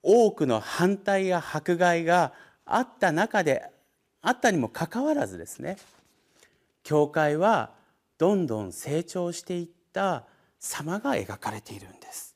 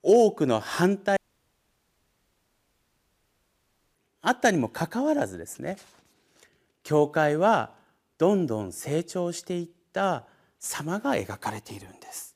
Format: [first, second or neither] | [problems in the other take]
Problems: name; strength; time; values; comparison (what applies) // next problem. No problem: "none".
first | audio cutting out; at 1 s for 3 s